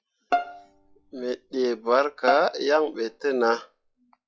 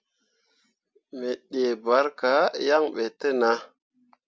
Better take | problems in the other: second | noise reduction (classical method log-MMSE)

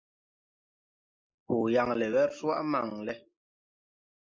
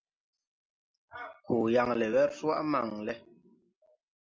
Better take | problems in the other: second | noise reduction (neural mask model Resemble Enhance denoiser)

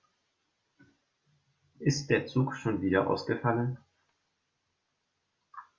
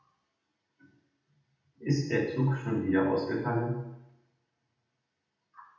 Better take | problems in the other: first | room echo; dies away in 0.8 s

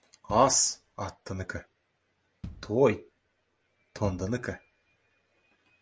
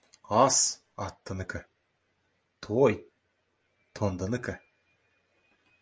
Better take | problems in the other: second | background sound (Bass drum); 18 dB below the speech

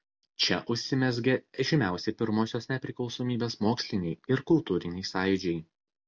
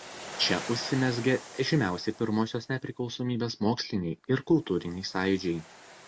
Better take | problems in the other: first | background sound (Waves, surf); 16 dB below the speech

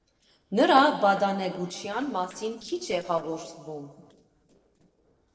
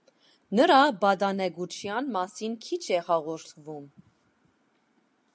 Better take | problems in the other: second | noise reduction (neural separator model SepFormer DNS4)

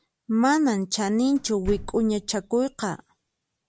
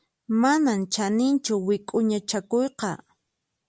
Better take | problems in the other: second | background sound (Slam); 14 dB below the speech

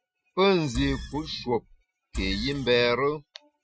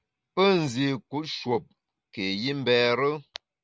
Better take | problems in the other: second | noise reduction (classical method Wiener filter)

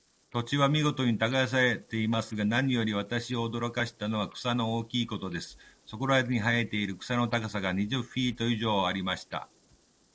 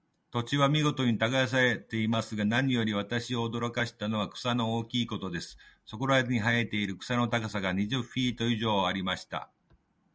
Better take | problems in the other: second | noise reduction (neural separator model SepFormer DNS4)

